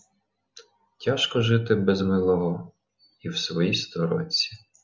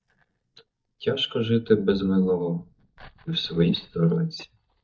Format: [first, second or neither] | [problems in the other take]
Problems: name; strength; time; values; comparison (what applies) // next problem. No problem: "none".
first | noise reduction (neural mask model DeepFilterNet 3)